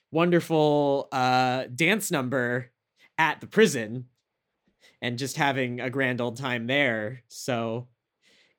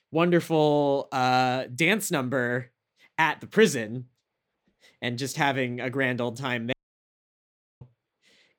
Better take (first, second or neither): first